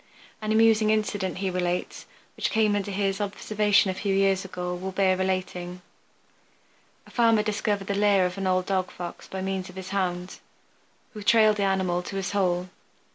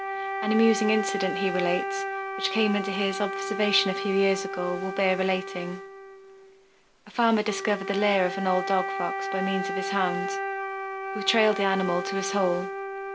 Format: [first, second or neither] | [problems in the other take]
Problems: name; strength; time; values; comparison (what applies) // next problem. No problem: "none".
first | background sound (Wind instrument, woodwind instrument); 5 dB below the speech